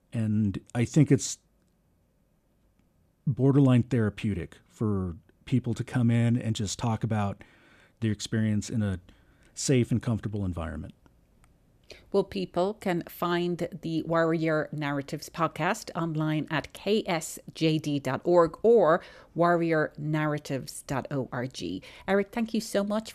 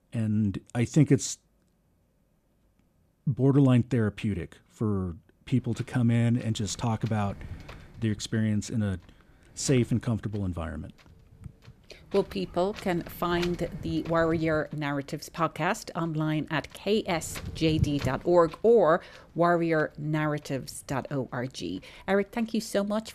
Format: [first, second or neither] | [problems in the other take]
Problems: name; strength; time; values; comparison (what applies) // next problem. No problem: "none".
first | wind noise on the microphone; occasional gusts; from 5.5 s on; 15 dB below the speech